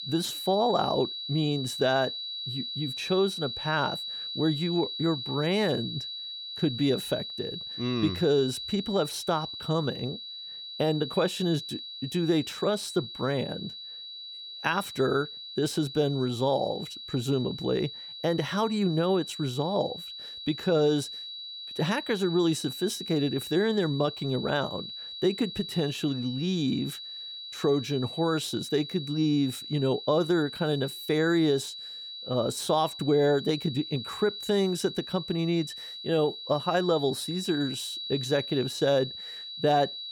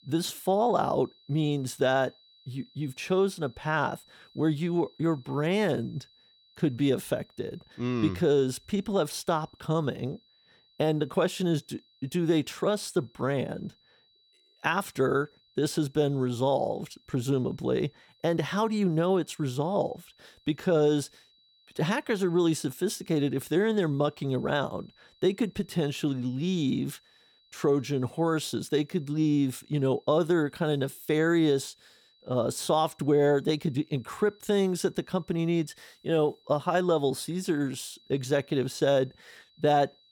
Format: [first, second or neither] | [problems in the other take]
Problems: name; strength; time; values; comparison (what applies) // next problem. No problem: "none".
second | high-pitched whine; loud; throughout; 4 kHz, 8 dB below the speech; faint in the second